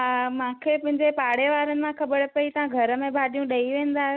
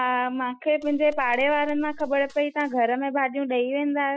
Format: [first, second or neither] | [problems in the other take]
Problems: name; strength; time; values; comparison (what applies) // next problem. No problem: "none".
first | noise reduction (classical method Wiener filter)